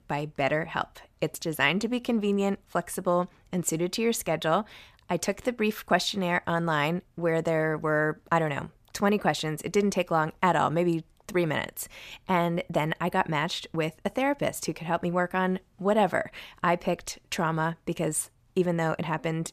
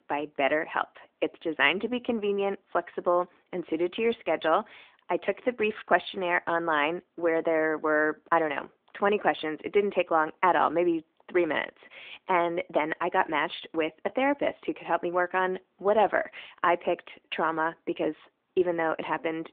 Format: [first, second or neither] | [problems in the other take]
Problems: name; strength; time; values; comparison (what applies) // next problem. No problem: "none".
first | phone-call audio